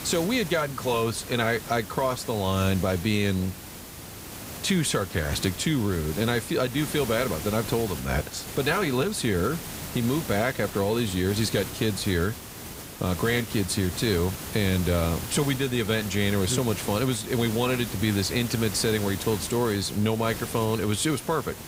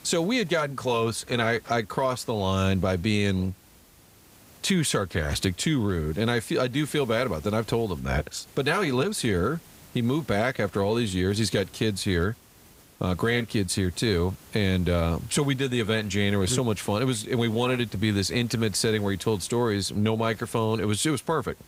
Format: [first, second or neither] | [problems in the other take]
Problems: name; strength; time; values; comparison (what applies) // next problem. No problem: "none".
second | hiss; loud; throughout; 10 dB below the speech; faint in the second